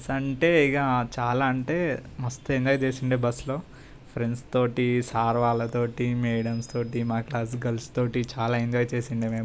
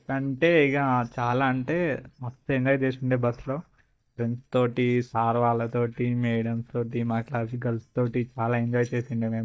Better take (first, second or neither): first